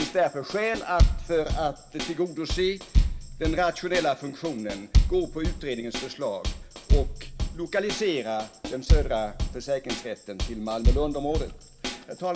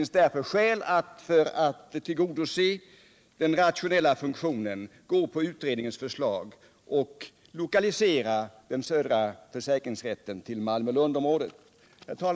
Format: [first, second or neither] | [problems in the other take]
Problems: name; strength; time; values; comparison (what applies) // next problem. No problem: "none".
second | background sound (Bass drum / Snare drum / Drum kit); 2 dB above the speech // room echo; dies away in 0.2 s